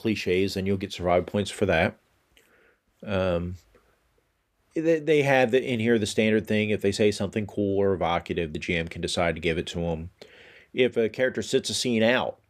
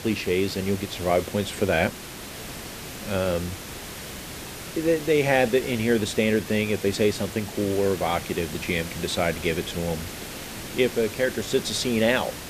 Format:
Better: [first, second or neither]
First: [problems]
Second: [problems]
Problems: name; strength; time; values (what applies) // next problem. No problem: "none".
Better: first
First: none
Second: hiss; noticeable; throughout; 10 dB below the speech